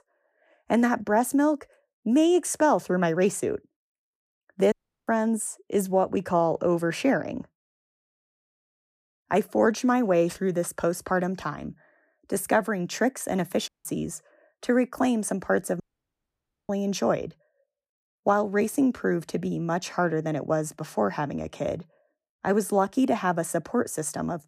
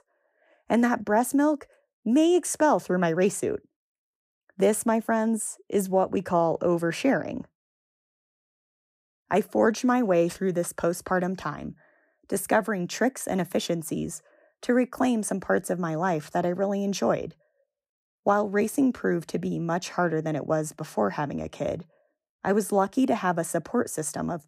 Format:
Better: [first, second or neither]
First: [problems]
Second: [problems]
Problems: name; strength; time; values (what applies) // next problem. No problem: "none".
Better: second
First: audio cutting out; at 4.5 s, at 14 s and at 16 s for 1 s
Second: none